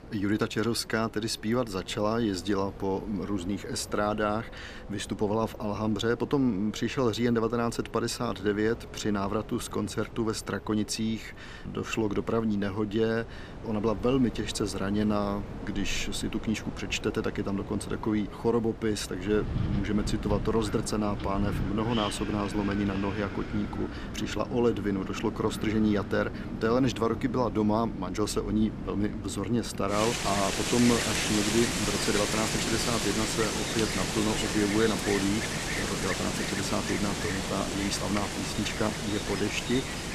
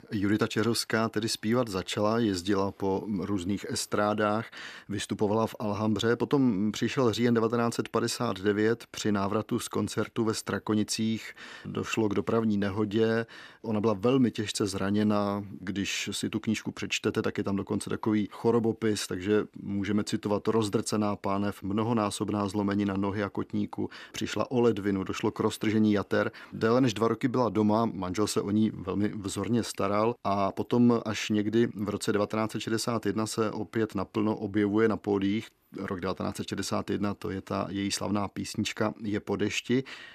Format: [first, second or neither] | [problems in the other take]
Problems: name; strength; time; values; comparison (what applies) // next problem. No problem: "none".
second | wind in the background; loud; throughout; 4 dB below the speech